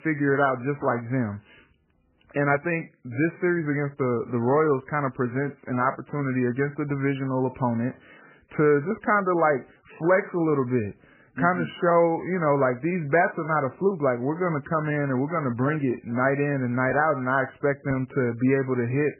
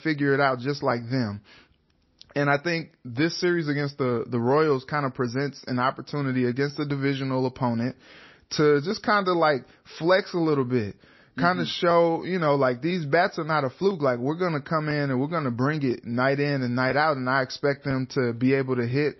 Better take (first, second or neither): second